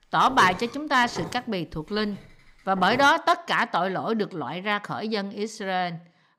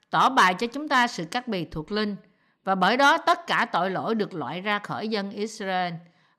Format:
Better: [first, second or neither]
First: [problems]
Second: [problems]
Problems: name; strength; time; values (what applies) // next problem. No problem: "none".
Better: second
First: footsteps; faint; until 3 s; peak 10 dB below the speech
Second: none